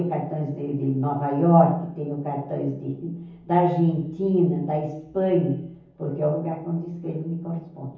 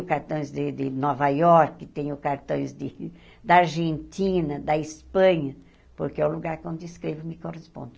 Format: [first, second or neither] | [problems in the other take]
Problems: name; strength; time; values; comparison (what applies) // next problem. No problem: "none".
second | room echo; dies away in 0.7 s